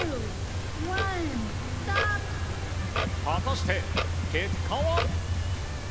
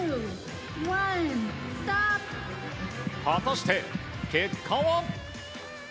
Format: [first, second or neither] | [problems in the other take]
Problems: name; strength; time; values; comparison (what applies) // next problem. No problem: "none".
second | background sound (Clock); 3 dB above the speech